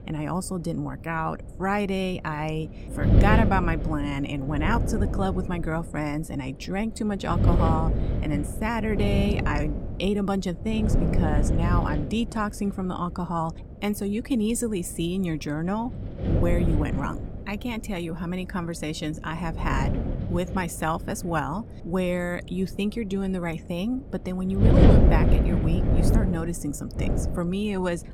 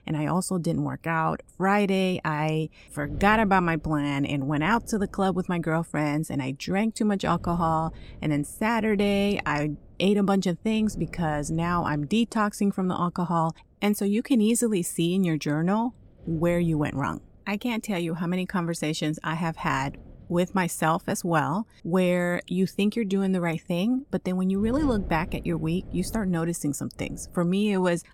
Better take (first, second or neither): second